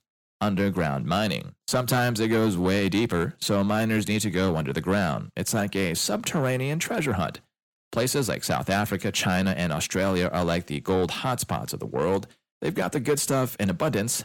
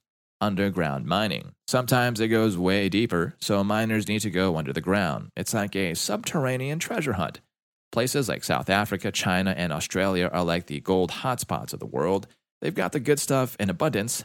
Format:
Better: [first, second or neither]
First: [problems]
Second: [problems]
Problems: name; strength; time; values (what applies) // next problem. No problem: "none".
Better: second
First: distortion; slight; 10 dB below the speech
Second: none